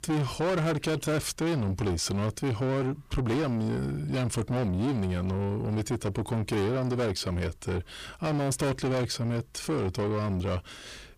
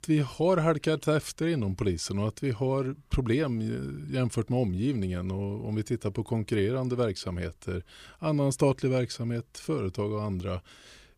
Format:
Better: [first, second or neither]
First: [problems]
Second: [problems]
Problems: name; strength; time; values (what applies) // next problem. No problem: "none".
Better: second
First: distortion; heavy; 7 dB below the speech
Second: none